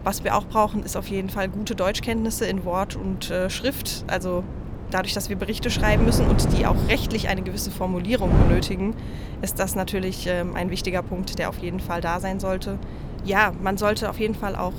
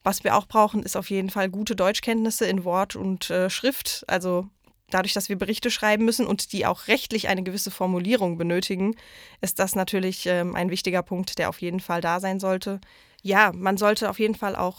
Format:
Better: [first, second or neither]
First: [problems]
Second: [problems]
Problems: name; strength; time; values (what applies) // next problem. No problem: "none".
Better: second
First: wind noise on the microphone; occasional gusts; 10 dB below the speech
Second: none